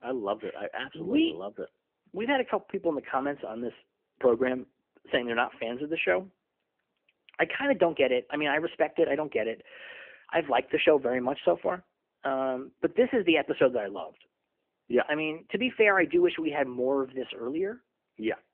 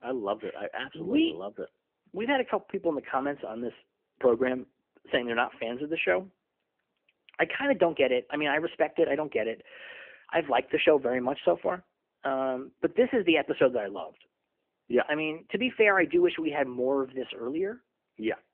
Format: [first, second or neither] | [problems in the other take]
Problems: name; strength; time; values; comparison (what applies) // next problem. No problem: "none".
neither | phone-call audio; nothing above 3 kHz; the same in both